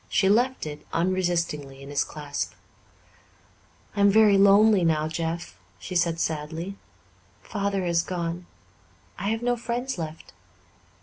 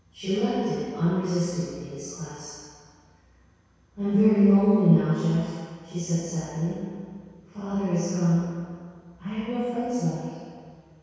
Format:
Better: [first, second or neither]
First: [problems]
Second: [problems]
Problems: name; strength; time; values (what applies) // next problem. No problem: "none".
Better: first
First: none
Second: room echo; dies away in 2 s